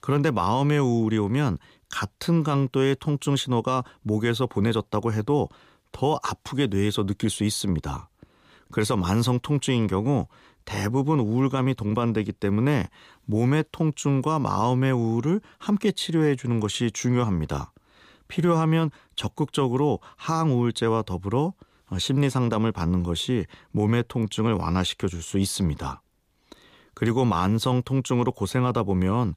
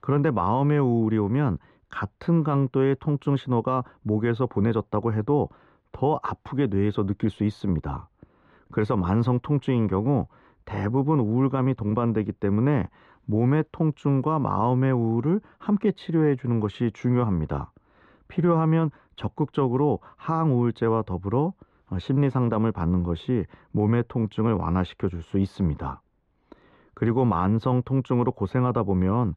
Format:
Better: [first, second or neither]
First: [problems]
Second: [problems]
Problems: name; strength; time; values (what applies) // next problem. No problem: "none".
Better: first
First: none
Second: muffled; very; fading above 4 kHz